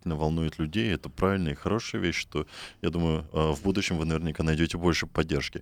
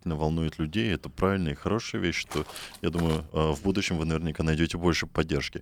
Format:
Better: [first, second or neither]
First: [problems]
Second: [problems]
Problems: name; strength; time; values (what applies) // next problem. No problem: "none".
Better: first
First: none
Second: footsteps; faint; at 2.5 s; peak 10 dB below the speech